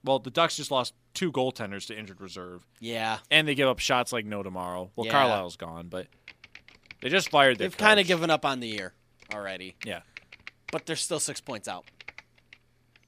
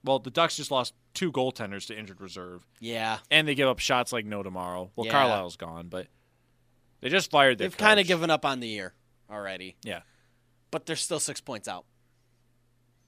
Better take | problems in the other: second | keyboard typing; faint; from 6.5 to 13 s; peak 15 dB below the speech

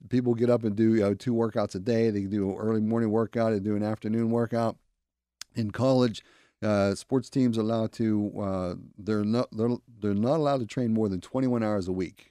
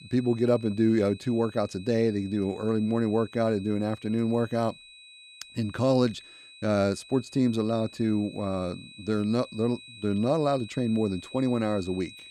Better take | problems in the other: first | high-pitched whine; noticeable; throughout; 4 kHz, 20 dB below the speech

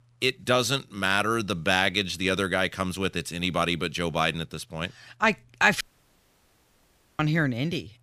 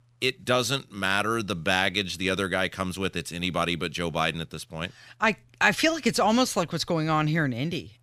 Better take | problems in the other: second | audio cutting out; at 6 s for 1.5 s

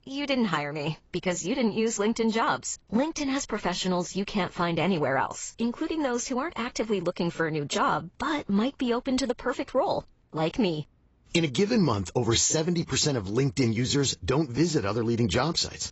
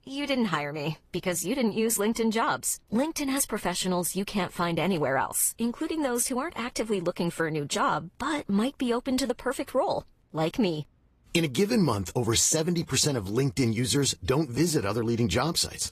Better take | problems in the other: second | garbled, watery; badly; nothing above 7.5 kHz; slightly in the second

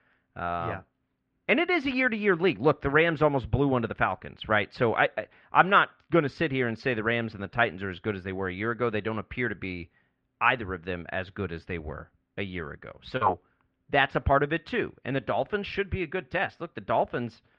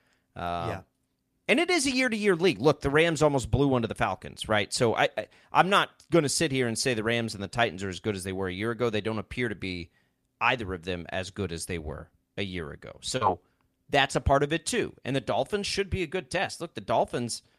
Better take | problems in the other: second | muffled; very; fading above 3 kHz

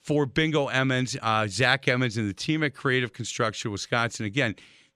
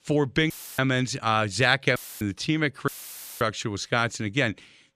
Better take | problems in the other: first | audio cutting out; filled with static; at 0.5 s, at 2 s and at 3 s for 0.5 s

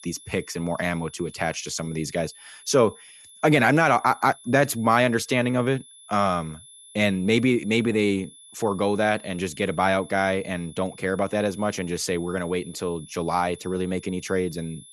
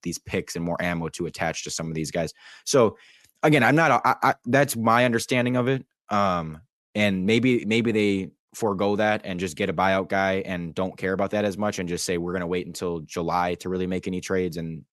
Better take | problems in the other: second | high-pitched whine; faint; throughout; 10.5 kHz, 20 dB below the speech

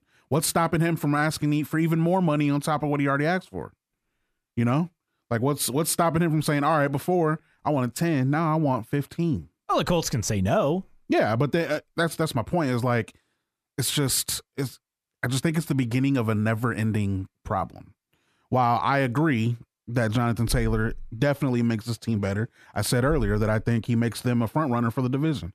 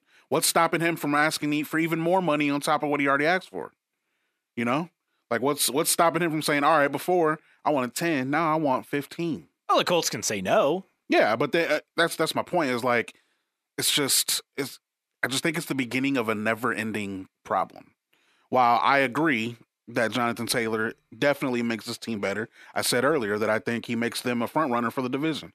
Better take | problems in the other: first | thin; somewhat; fading below 300 Hz

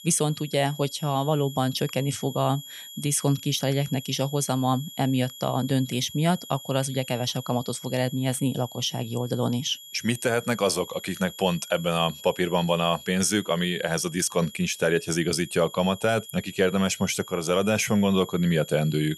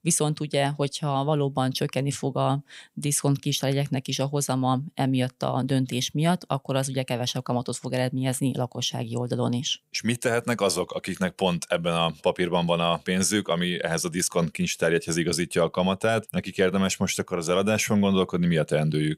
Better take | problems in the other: second | high-pitched whine; noticeable; throughout; 3.5 kHz, 15 dB below the speech

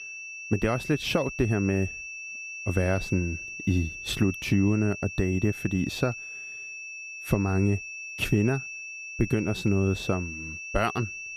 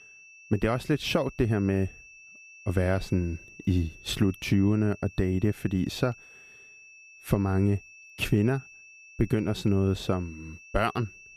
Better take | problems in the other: second | high-pitched whine; loud; throughout; 2.5 kHz, 9 dB below the speech; faint in the second

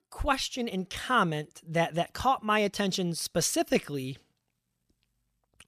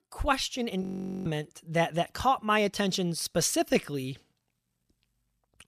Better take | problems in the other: first | audio freezing; at 1 s

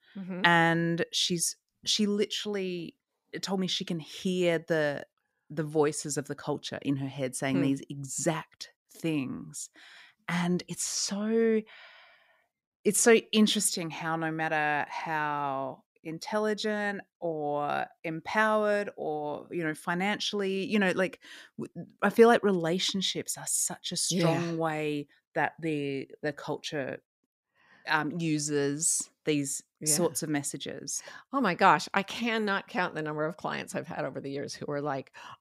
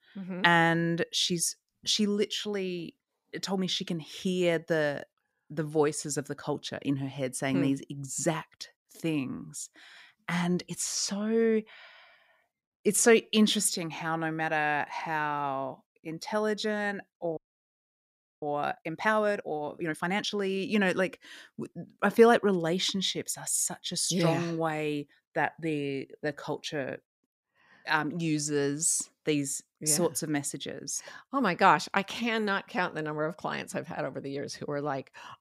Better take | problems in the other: first | audio freezing; at 17 s for 1 s

